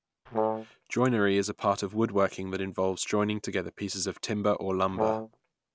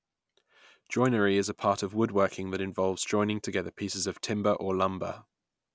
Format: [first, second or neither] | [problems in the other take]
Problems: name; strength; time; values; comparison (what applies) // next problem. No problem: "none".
second | background sound (Brass instrument); 2 dB below the speech